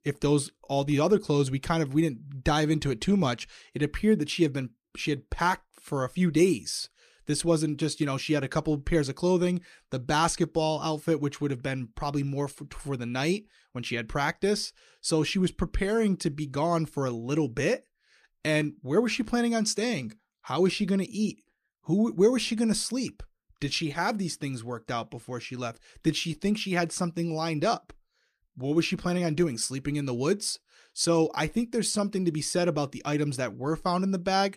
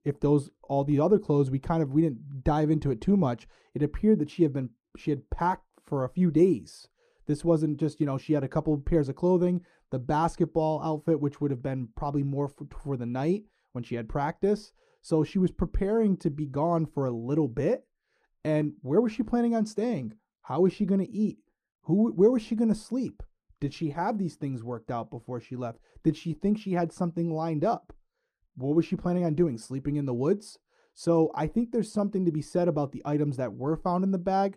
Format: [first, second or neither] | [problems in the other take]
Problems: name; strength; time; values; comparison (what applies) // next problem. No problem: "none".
first | muffled; very; fading above 1.5 kHz